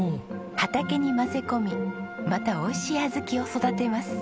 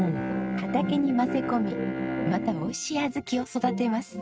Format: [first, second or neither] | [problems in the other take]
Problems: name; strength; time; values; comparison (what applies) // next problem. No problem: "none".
first | noise reduction (neural mask model RNNoise)